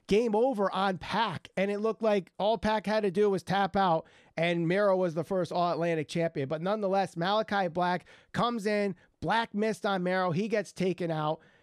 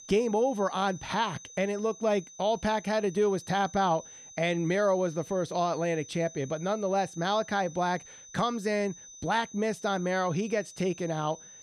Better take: first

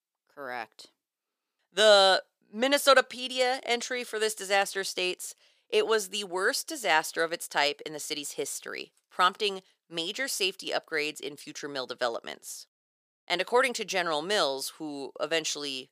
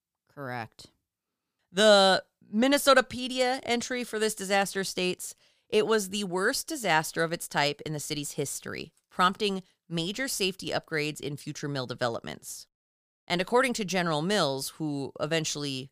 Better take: second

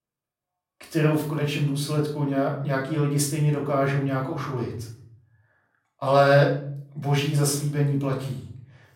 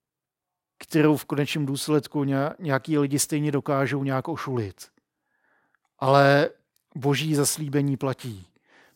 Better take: second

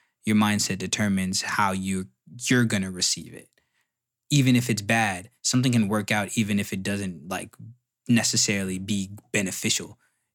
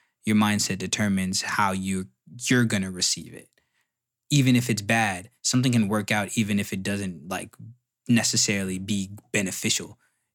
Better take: neither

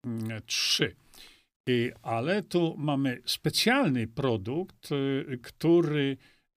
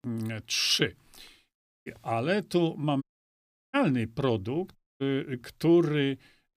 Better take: first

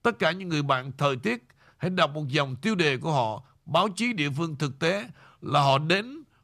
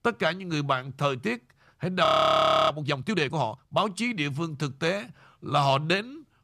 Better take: first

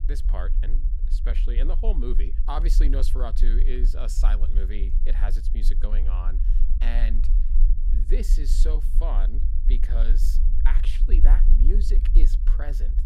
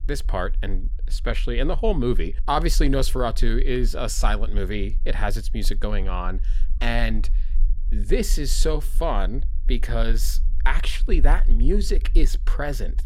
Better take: second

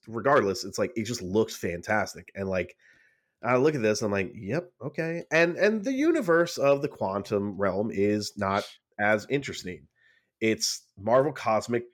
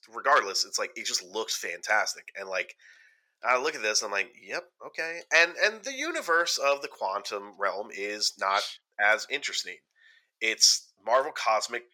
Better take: first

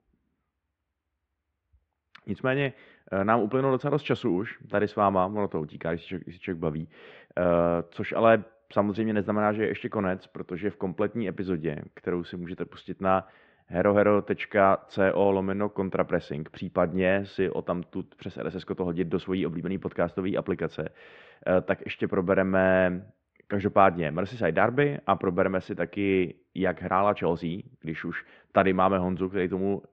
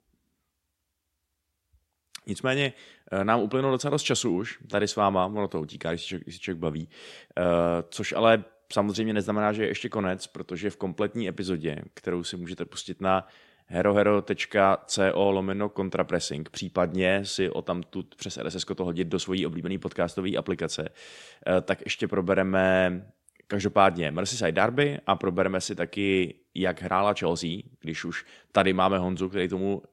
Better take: second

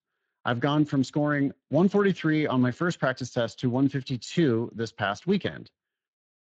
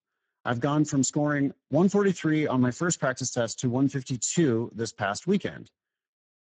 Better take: first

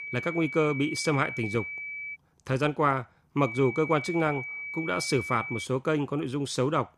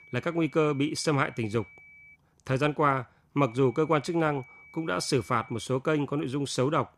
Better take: second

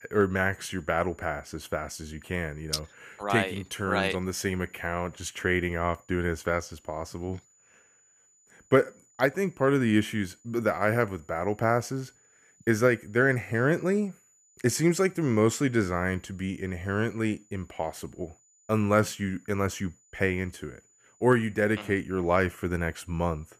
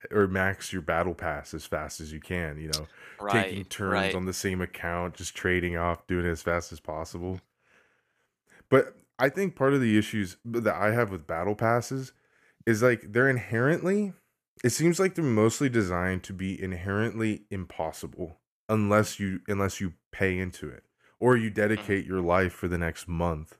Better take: second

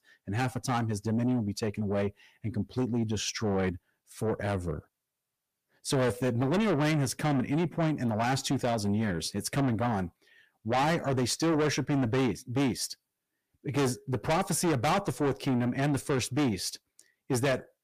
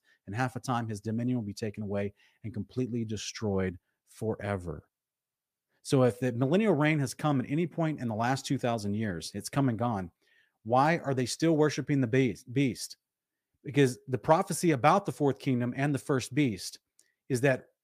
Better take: second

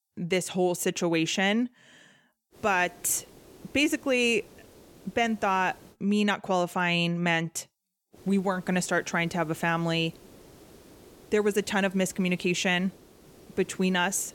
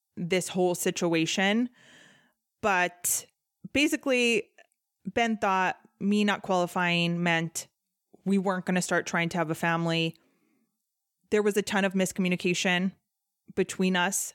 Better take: second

